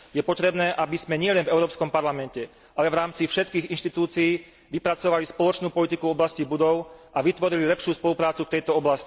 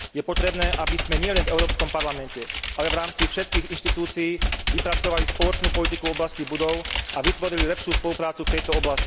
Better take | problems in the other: first | background sound (Computer keyboard); 2 dB above the speech

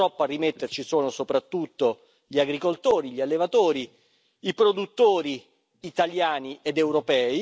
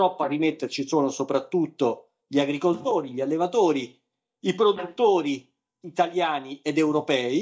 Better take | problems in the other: first | noise reduction (neural mask model DeepFilterNet 3)

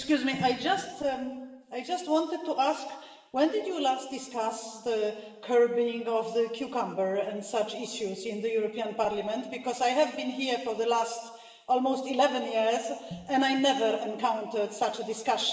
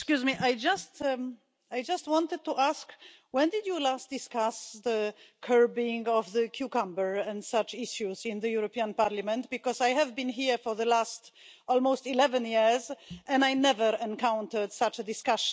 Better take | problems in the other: second | room echo; dies away in 1.1 s

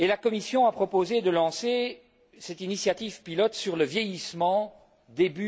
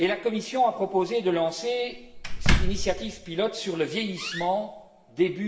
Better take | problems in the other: first | background sound (Slam); 3 dB below the speech // room echo; dies away in 0.9 s

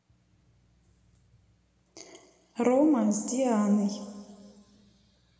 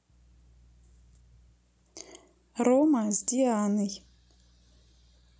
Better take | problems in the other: second | room echo; dies away in 2.1 s

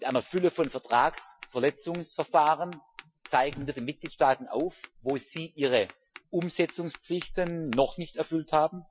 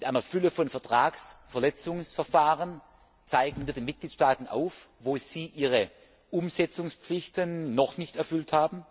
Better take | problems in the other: second | noise reduction (classical method Wiener filter)

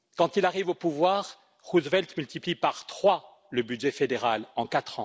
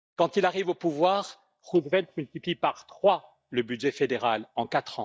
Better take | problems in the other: first | noise reduction (neural mask model DeepFilterNet 3)

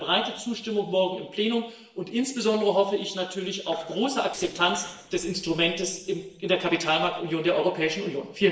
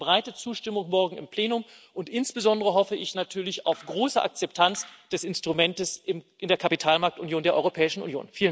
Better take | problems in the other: second | noise reduction (neural separator model SepFormer DNS4)

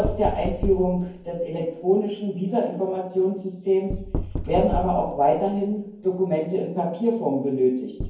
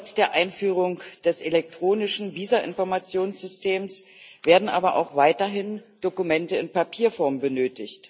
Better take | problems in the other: second | background sound (Knock); 9 dB below the speech // room echo; dies away in 0.9 s

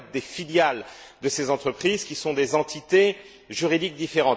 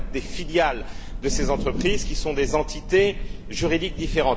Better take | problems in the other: first | background sound (Thunder / Rain); 3 dB below the speech

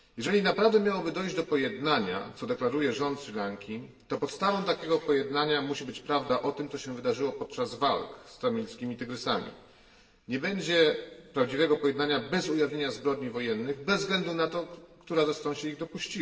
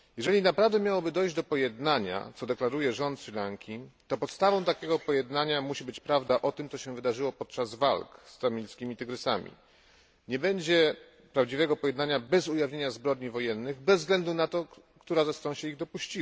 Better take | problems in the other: second | room echo; dies away in 1.1 s

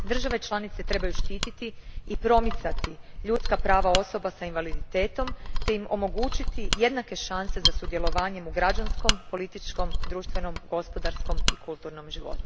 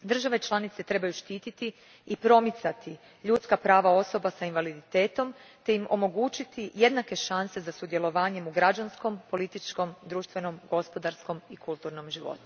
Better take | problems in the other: second | background sound (Mechanisms); 2 dB above the speech

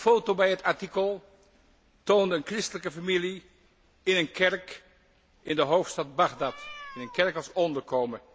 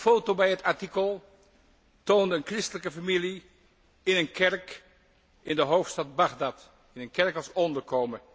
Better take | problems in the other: second | background sound (Meow); 17 dB below the speech

